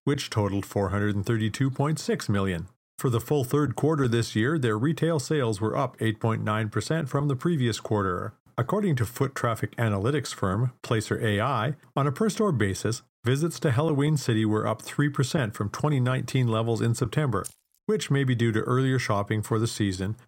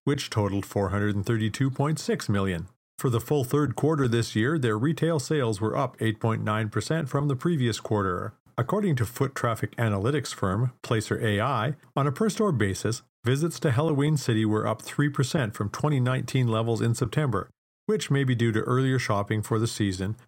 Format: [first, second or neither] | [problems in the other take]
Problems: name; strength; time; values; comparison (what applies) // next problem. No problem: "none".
second | jangling keys; faint; at 17 s; peak 15 dB below the speech